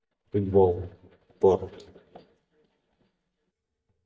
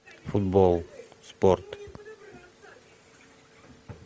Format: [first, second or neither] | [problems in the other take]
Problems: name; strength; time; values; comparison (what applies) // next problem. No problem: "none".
second | noise reduction (neural mask model DeepFilterNet 3)